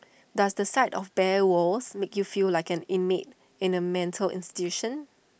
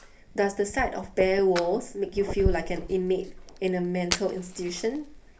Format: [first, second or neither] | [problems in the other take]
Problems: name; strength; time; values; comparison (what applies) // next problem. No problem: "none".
first | background sound (Fire); 8 dB below the speech // room echo; dies away in 0.3 s